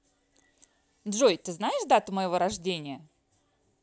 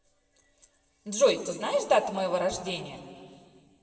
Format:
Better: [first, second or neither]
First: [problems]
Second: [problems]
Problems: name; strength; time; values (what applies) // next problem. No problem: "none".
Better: first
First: none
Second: room echo; dies away in 2.2 s